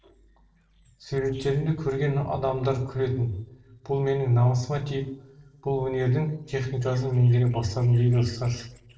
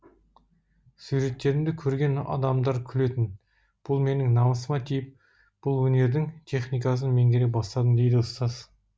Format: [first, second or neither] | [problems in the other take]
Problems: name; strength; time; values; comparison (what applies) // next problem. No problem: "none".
second | noise reduction (neural separator model SepFormer DNS4)